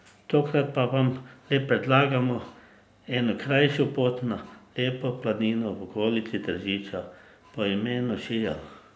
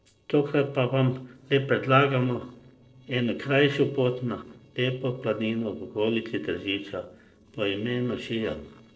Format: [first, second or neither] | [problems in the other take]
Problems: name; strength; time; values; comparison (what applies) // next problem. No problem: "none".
first | noise reduction (neural separator model SepFormer DNS4)